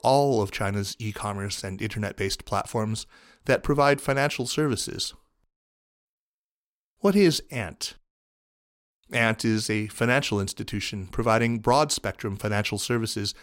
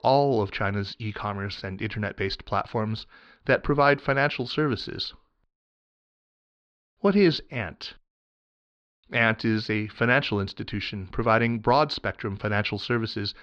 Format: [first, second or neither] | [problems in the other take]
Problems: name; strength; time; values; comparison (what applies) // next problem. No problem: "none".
first | muffled; very slightly; fading above 4.5 kHz